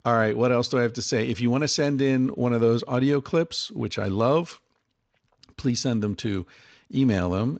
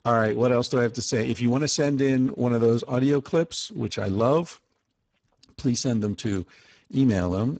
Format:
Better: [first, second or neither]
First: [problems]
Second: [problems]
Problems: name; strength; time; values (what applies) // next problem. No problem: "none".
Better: first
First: garbled, watery; slightly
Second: garbled, watery; badly; nothing above 7.5 kHz